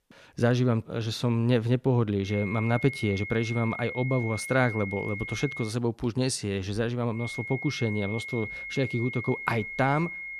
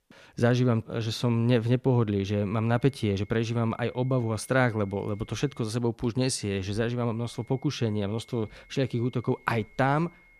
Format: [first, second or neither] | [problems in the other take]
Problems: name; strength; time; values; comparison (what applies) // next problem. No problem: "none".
second | high-pitched whine; loud; from 2.5 to 5.5 s and from 7 s on; 2 kHz, 8 dB below the speech; faint in the second